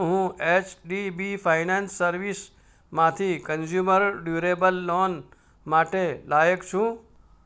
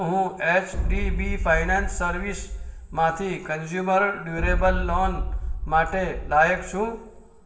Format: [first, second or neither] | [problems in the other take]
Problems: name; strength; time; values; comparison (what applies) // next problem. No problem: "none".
first | background sound (Boom); 3 dB below the speech // room echo; dies away in 1 s